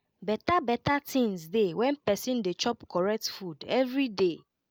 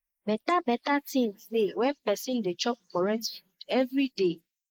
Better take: first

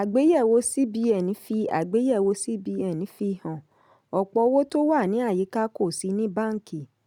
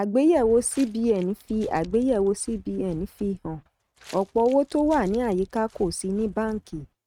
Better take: first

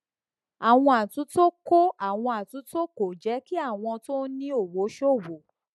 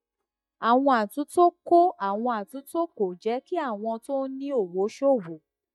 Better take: first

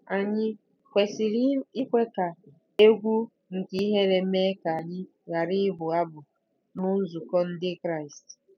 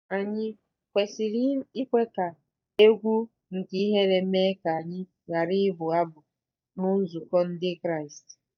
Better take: first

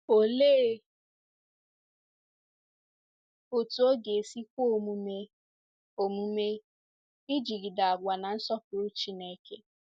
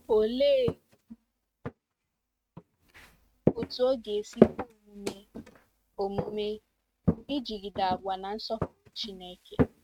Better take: first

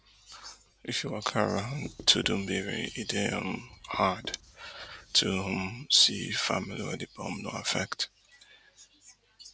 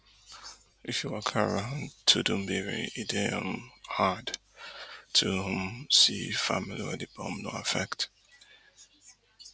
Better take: second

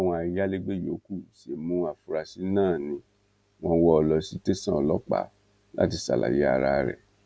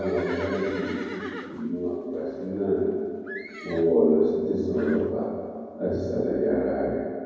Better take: first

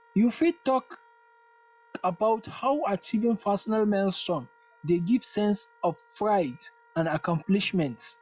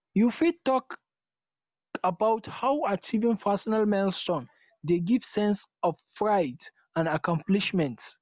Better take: second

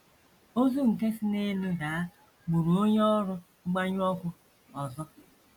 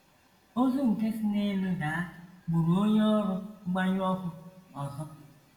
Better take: first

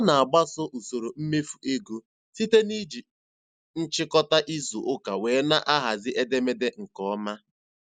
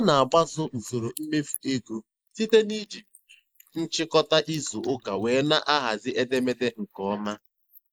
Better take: first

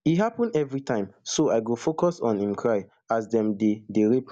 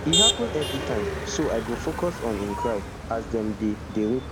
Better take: first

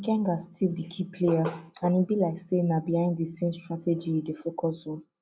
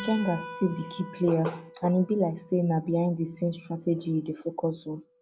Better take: first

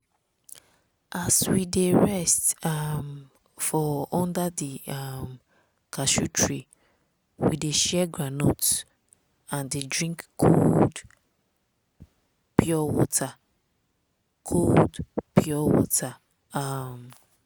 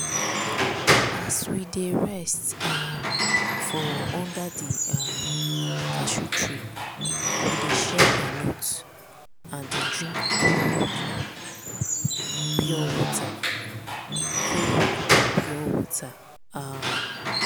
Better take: first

